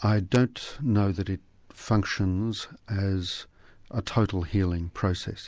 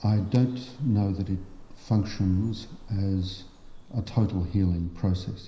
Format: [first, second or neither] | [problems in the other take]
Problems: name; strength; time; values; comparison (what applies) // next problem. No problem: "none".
first | background sound (Bird vocalization, bird call, bird song); 18 dB below the speech // room echo; dies away in 0.9 s